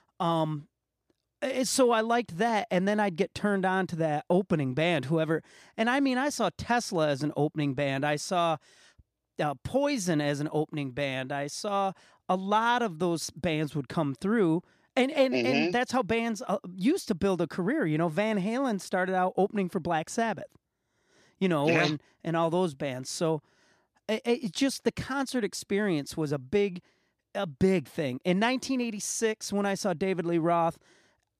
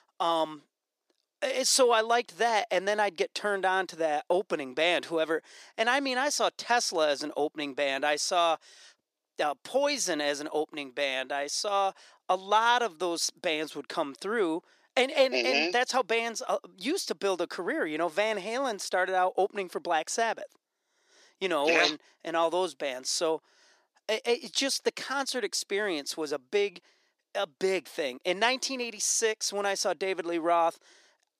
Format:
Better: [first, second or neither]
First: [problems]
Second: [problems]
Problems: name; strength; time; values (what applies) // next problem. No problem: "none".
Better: first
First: none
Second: thin; somewhat; fading below 400 Hz